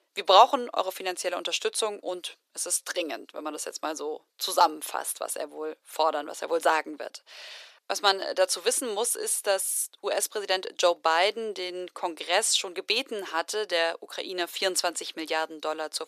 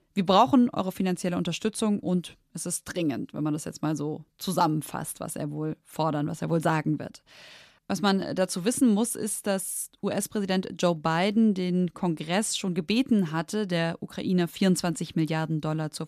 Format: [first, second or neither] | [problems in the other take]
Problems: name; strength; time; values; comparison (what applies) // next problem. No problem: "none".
second | thin; very; fading below 400 Hz